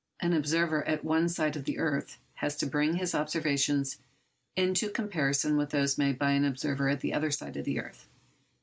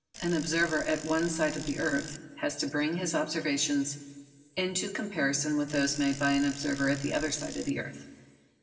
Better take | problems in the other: first | background sound (Bicycle); 13 dB below the speech // room echo; dies away in 2.1 s

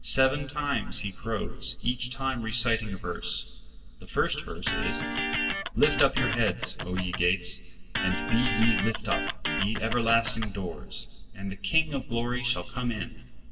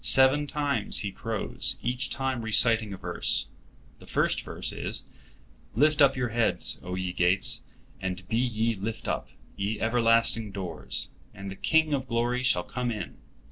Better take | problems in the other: second | background sound (Electric guitar); 3 dB below the speech // room echo; dies away in 1.9 s

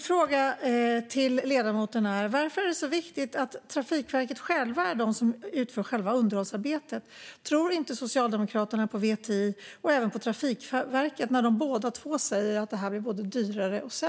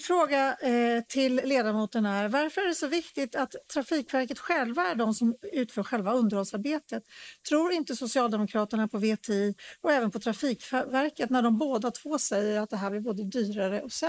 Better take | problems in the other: first | noise reduction (neural mask model Resemble Enhance denoiser)

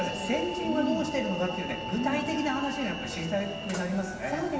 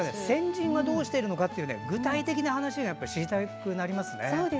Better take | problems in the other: second | background sound (Train); 11 dB below the speech // room echo; dies away in 2.4 s

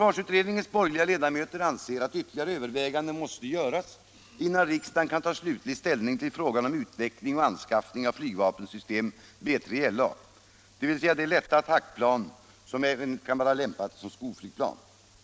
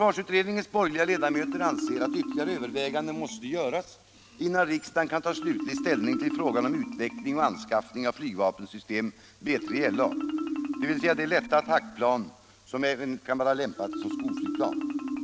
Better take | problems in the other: first | background sound (Marimba, xylophone); 6 dB below the speech

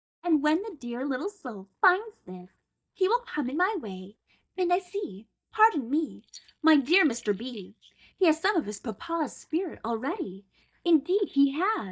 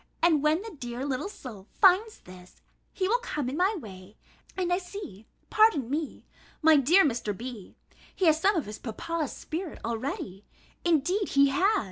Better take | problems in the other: second | noise reduction (neural mask model DeepFilterNet 3)

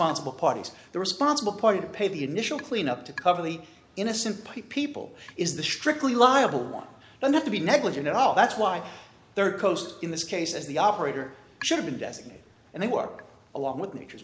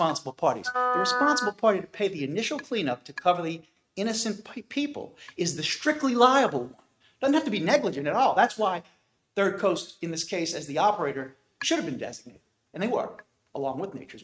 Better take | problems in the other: first | noise reduction (neural mask model RNNoise)

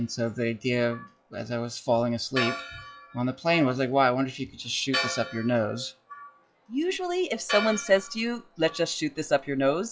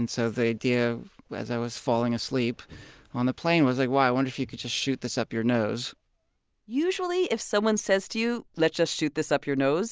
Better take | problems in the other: second | noise reduction (classical method WPE with log-MMSE)

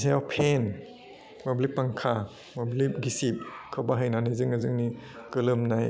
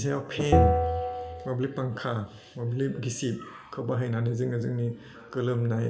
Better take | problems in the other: first | background sound (Bell); 2 dB above the speech // room echo; dies away in 0.6 s

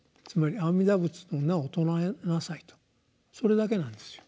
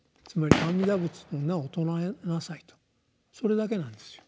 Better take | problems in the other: first | background sound (Gunshot, gunfire); 1 dB below the speech

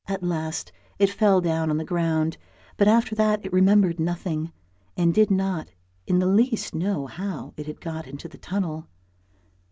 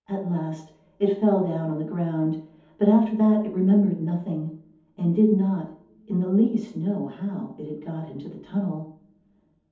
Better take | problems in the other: first | room echo; dies away in 0.6 s

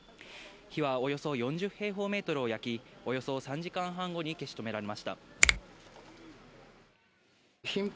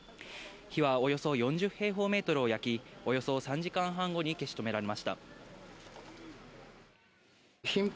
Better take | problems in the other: second | background sound (Finger snapping); 3 dB above the speech

